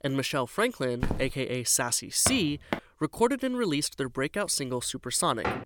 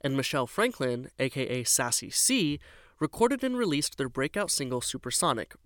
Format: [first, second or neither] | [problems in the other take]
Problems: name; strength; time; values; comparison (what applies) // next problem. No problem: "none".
second | footsteps; noticeable; at 1 s and at 2.5 s; peak 6 dB below the speech // door banging; very faint; at 5.5 s; peak 5 dB below the speech